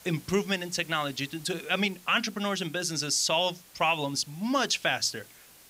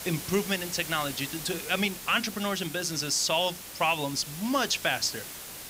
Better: first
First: hiss; faint; throughout; 25 dB below the speech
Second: hiss; loud; throughout; 10 dB below the speech

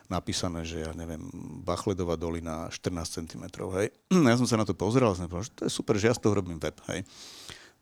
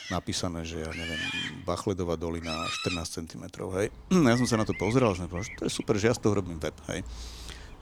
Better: first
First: none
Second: animal sounds; loud; throughout; 8 dB below the speech

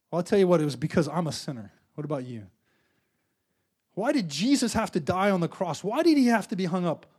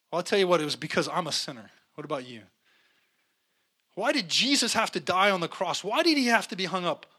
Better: first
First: none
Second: thin; very slightly; fading below 550 Hz

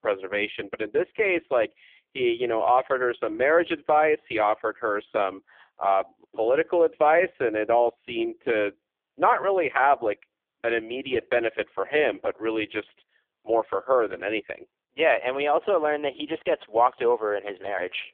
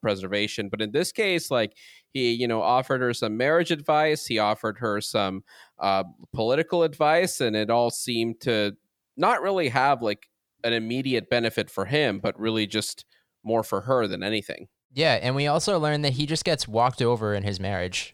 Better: second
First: phone-call audio; poor line; nothing above 3.5 kHz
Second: none

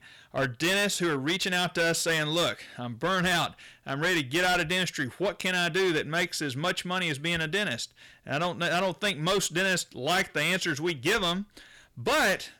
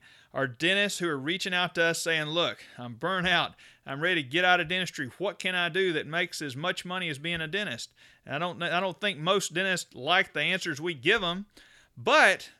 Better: second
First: distortion; heavy; 12% of the sound clipped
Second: none

